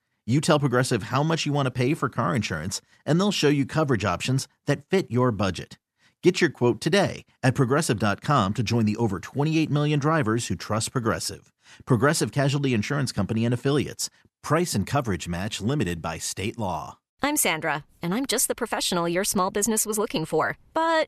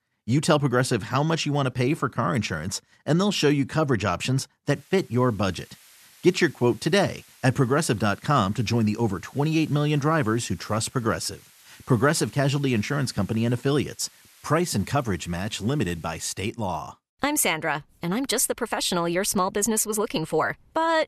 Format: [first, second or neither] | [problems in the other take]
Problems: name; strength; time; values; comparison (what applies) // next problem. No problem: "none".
first | hiss; faint; from 4.5 to 16 s; 25 dB below the speech